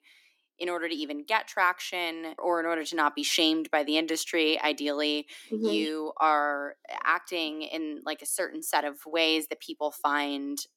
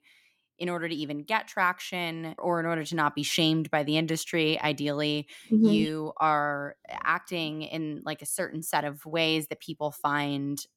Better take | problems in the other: second | thin; somewhat; fading below 300 Hz

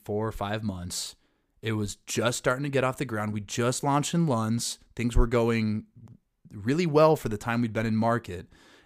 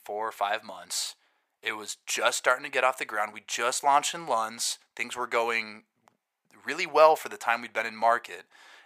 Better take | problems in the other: first | thin; very; fading below 800 Hz

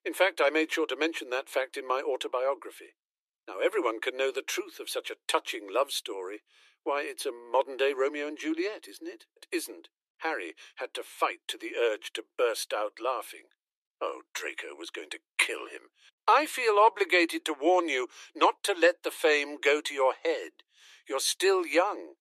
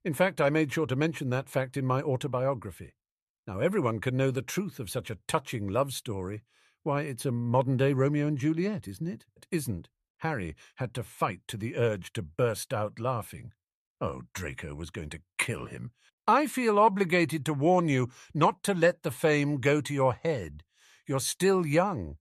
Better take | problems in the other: second | thin; very; fading below 300 Hz

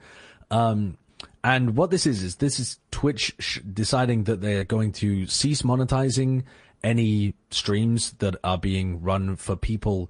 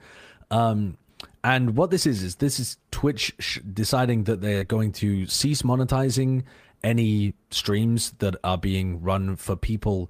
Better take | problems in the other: second | garbled, watery; slightly; nothing above 10 kHz

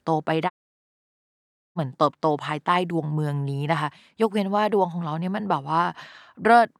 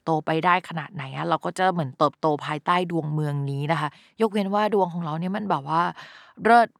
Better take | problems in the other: second | audio cutting out; at 0.5 s for 1.5 s

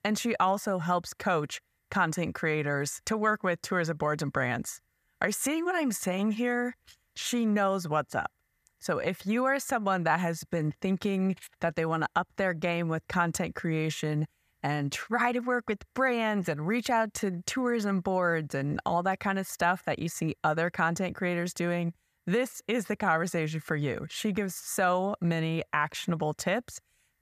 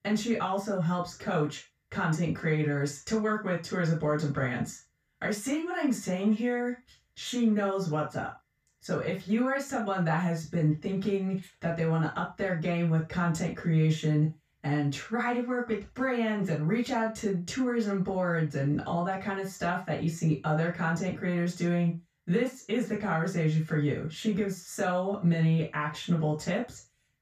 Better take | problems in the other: first | room echo; noticeable; dies away in 0.2 s // off-mic speech; far

